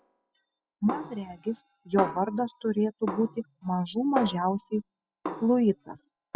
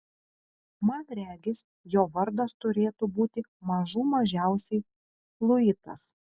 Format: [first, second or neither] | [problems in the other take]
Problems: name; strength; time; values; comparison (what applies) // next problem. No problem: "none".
second | noise reduction (classical method spectral subtraction)